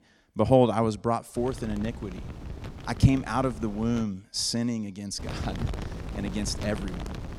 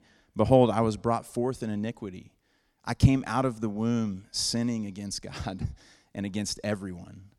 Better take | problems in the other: second | wind noise on the microphone; occasional gusts; from 1.5 to 4 s and from 5 s on; 15 dB below the speech

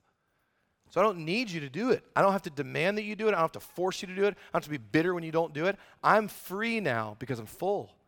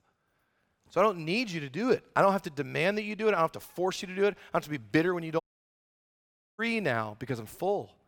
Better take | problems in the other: first | audio cutting out; at 5.5 s for 1 s

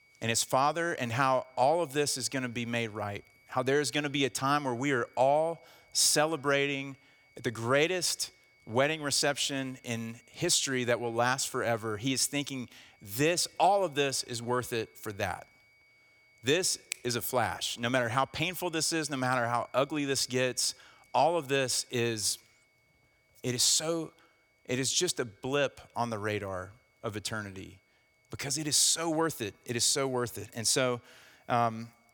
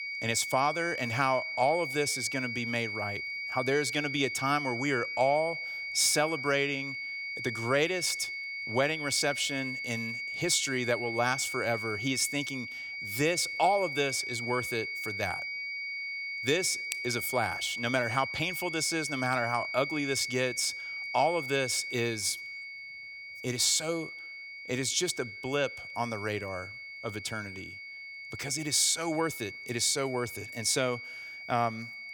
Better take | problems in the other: first | high-pitched whine; loud; throughout; 2 kHz, 5 dB below the speech; faint in the first

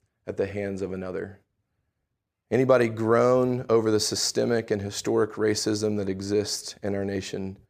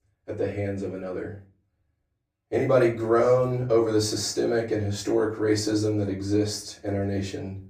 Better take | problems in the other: first | off-mic speech; far // room echo; slight; dies away in 0.3 s

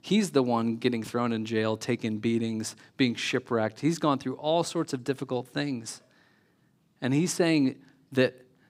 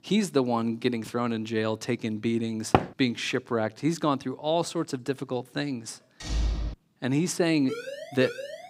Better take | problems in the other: first | door banging; loud; at 2.5 s; peak 2 dB above the speech // door banging; noticeable; at 6 s; peak 2 dB below the speech // siren; noticeable; from 7.5 s on; peak 8 dB below the speech

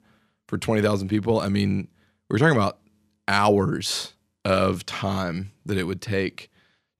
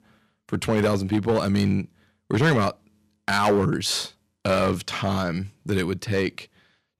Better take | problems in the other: first | distortion; slight; 4% of the sound clipped

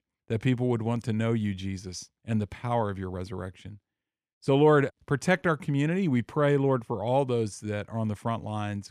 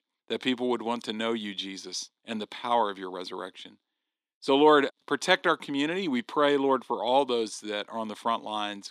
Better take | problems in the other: first | thin; somewhat; fading below 250 Hz

